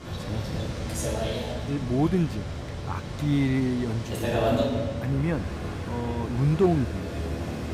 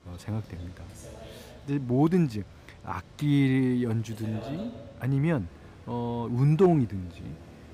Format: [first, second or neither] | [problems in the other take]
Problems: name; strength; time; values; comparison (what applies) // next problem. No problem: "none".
second | traffic noise; loud; throughout; 3 dB below the speech; faint in the second